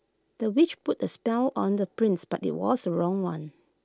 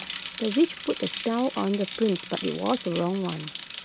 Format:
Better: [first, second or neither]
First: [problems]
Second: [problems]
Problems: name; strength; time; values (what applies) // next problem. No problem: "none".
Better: first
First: none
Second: background sound (Bicycle); 10 dB below the speech